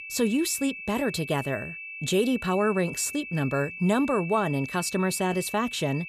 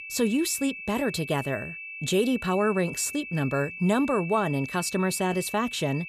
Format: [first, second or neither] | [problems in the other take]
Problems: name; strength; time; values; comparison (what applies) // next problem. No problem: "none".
neither | high-pitched whine; loud; throughout; 2.5 kHz, 10 dB below the speech; the same in both